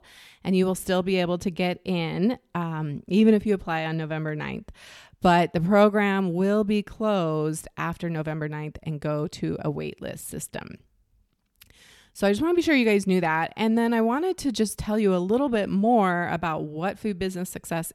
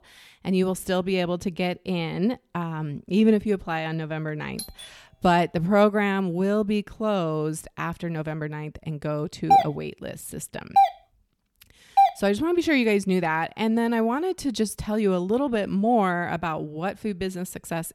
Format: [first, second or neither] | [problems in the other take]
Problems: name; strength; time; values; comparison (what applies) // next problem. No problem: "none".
first | doorbell; faint; at 4.5 s; peak 10 dB below the speech // doorbell; loud; from 9.5 to 12 s; peak 5 dB above the speech